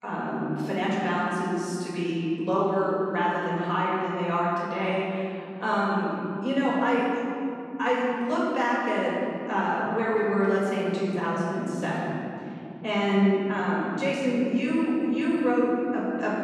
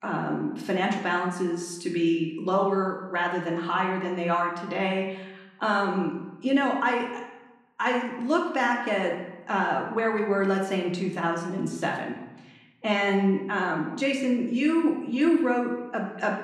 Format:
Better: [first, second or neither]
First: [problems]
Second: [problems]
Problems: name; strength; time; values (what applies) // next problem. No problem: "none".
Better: second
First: room echo; strong; dies away in 3 s // off-mic speech; far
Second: room echo; slight; dies away in 0.8 s // off-mic speech; somewhat distant